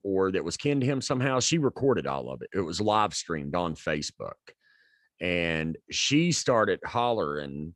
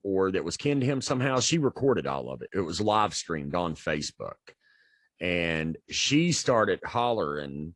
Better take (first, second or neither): first